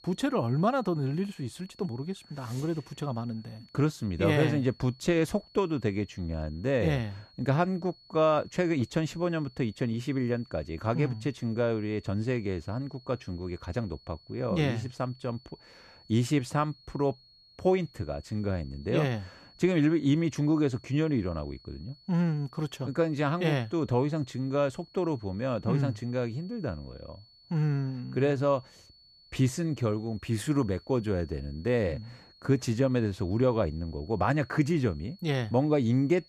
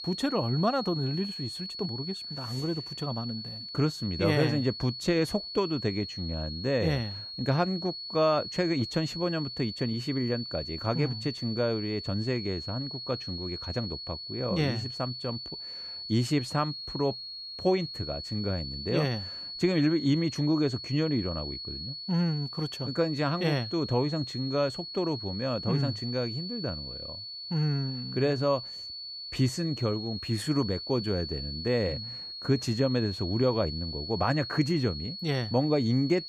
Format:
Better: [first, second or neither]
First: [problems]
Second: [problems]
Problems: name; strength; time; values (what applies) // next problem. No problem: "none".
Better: first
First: high-pitched whine; faint; throughout; 4.5 kHz, 25 dB below the speech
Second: high-pitched whine; loud; throughout; 4.5 kHz, 7 dB below the speech